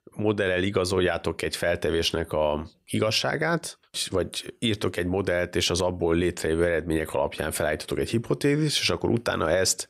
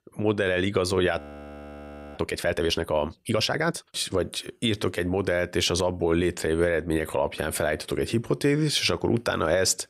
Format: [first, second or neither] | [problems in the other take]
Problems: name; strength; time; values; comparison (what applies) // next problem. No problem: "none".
first | audio freezing; at 1 s for 1 s